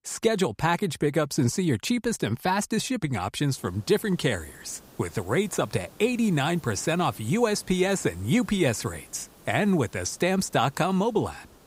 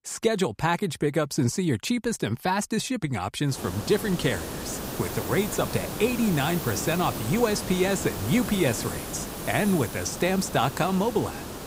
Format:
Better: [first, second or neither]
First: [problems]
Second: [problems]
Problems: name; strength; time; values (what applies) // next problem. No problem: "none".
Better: first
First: hiss; faint; from 3.5 s on; 25 dB below the speech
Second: hiss; loud; from 3.5 s on; 7 dB below the speech